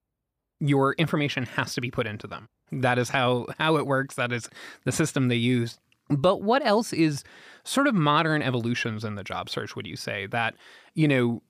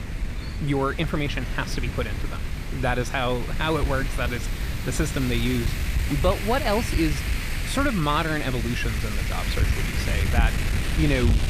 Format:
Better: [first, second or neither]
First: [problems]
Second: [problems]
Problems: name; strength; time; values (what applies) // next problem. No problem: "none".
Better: first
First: none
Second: wind noise on the microphone; heavy; 6 dB below the speech